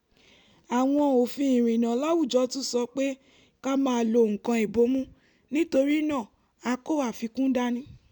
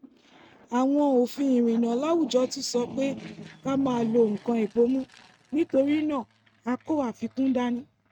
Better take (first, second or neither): first